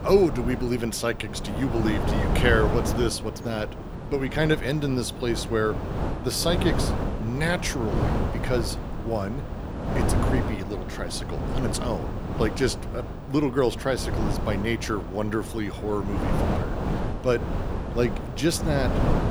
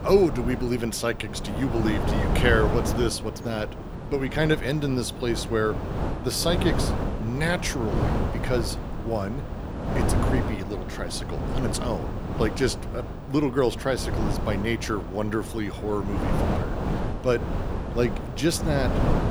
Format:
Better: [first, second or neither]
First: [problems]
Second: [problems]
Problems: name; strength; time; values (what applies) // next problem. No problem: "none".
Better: neither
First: wind noise on the microphone; heavy; 5 dB below the speech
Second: wind noise on the microphone; heavy; 5 dB below the speech